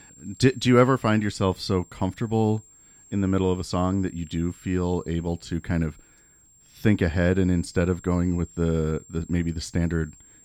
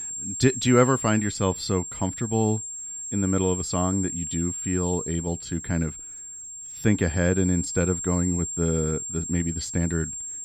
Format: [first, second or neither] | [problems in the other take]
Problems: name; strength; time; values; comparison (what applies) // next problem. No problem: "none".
first | high-pitched whine; loud; throughout; 7.5 kHz, 6 dB below the speech; faint in the first